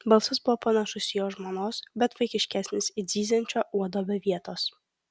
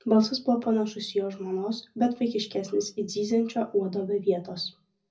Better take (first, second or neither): first